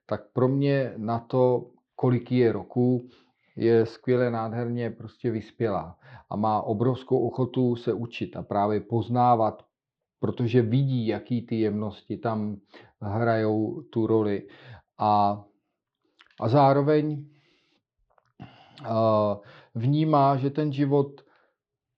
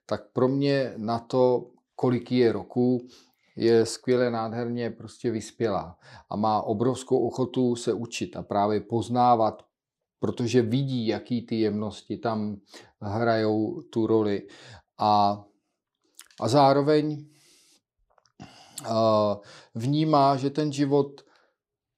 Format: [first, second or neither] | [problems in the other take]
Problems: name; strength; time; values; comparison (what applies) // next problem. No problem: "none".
second | muffled; slightly; fading above 3.5 kHz